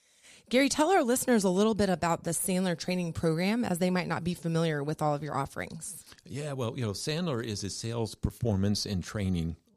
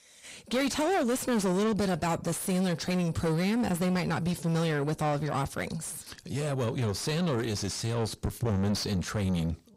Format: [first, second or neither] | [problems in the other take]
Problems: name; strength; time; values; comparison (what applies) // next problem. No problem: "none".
first | distortion; heavy; 7 dB below the speech